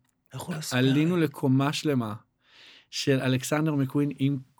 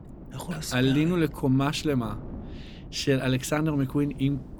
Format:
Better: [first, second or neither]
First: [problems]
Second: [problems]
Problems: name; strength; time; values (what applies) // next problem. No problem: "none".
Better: first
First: none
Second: wind noise on the microphone; occasional gusts; 20 dB below the speech